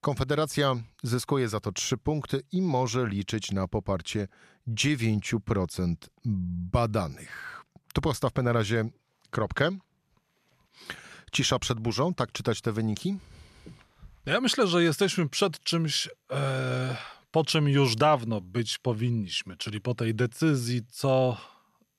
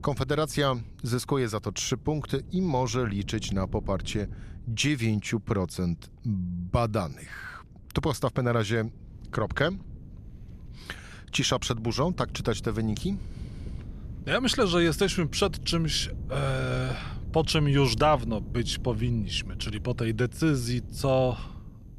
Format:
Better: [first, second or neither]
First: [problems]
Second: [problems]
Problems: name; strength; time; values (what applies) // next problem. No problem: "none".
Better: first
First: none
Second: wind noise on the microphone; occasional gusts; 25 dB below the speech